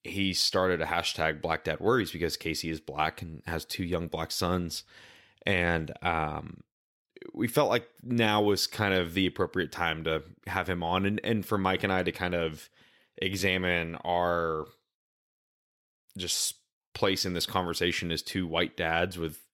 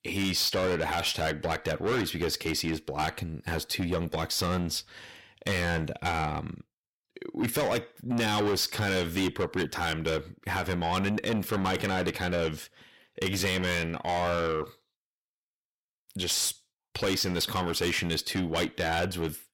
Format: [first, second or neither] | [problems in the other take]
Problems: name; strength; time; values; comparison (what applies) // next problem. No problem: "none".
first | distortion; heavy; 6 dB below the speech